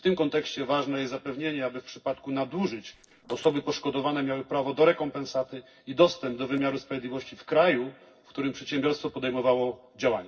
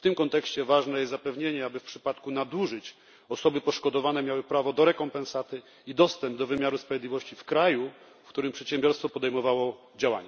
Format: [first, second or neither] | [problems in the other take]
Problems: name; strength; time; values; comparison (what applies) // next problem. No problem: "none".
second | noise reduction (neural separator model SepFormer DNS4)